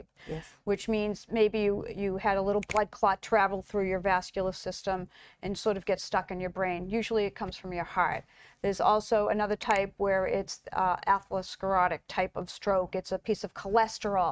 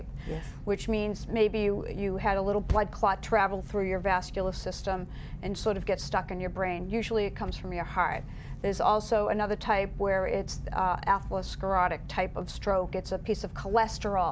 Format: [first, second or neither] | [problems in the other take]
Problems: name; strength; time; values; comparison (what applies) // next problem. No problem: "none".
second | noise reduction (neural mask model RNNoise)